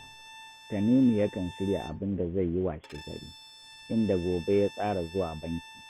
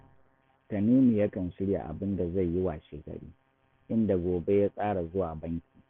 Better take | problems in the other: second | background sound (Bowed string instrument); 19 dB below the speech

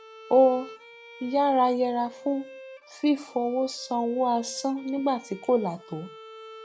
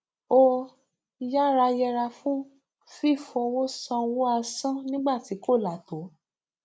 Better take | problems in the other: second | background sound (Bowed string instrument); 20 dB below the speech

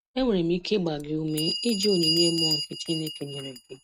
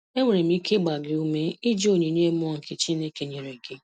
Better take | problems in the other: second | noise reduction (neural mask model RNNoise)

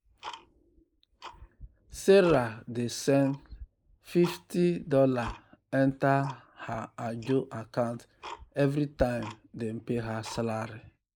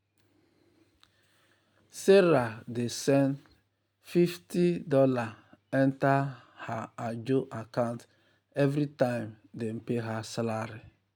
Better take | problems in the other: second | noise reduction (neural mask model Resemble Enhance denoiser)

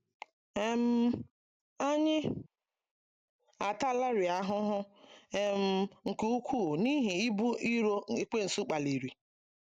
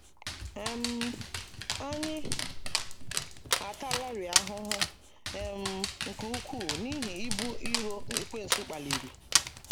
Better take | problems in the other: first | background sound (Dog); 5 dB above the speech

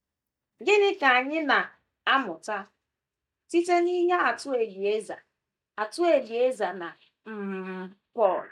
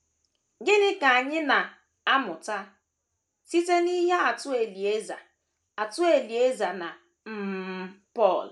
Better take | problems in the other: second | noise reduction (neural mask model DeepFilterNet 3)

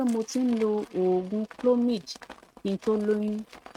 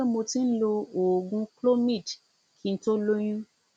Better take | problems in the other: second | noise reduction (neural mask model RNNoise)

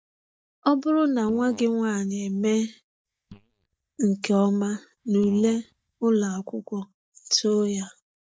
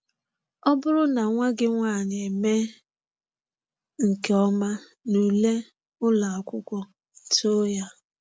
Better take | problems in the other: second | noise reduction (neural mask model DeepFilterNet 3)

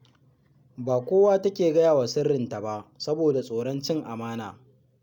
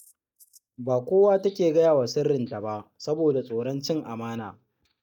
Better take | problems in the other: first | noise reduction (neural mask model DeepFilterNet 3)

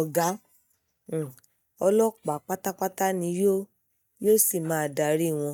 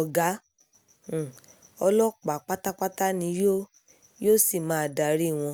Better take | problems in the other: second | noise reduction (neural mask model DeepFilterNet 3)

